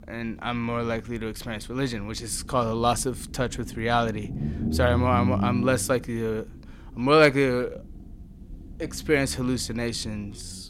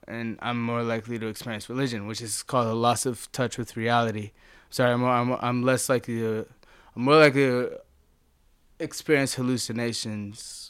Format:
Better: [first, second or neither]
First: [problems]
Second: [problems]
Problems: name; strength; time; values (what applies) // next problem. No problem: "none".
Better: second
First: low rumble; noticeable; throughout; 15 dB below the speech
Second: none